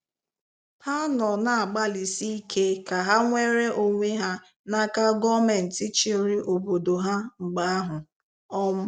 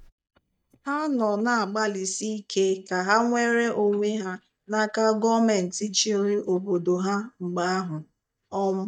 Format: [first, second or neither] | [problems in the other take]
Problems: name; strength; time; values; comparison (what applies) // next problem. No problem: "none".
first | noise reduction (neural mask model DeepFilterNet 3)